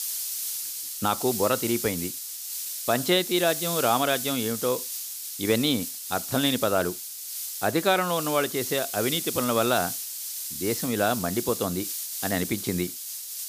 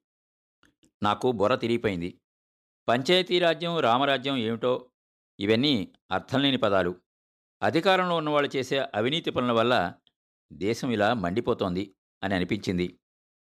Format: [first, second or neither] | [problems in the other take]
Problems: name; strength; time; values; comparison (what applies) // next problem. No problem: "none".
second | hiss; loud; throughout; 4 dB below the speech